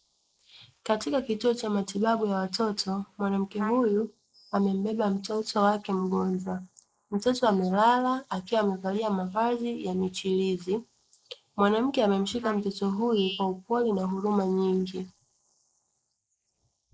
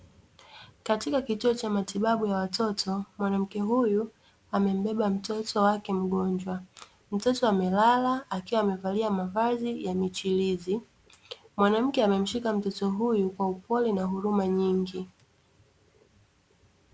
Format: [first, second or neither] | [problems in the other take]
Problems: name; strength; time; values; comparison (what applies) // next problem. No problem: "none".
second | noise reduction (neural mask model Resemble Enhance denoiser)